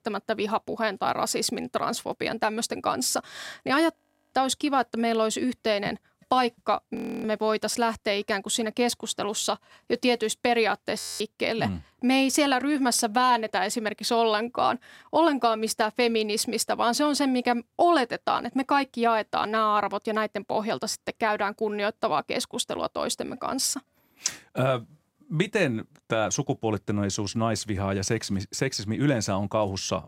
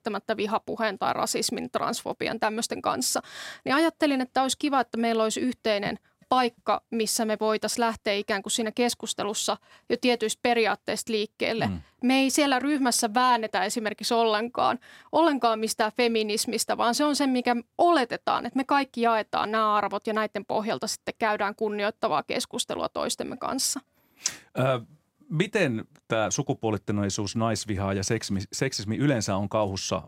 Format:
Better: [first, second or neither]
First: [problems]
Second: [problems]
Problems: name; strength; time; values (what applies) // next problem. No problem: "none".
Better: second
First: audio freezing; at 4 s, at 7 s and at 11 s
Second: none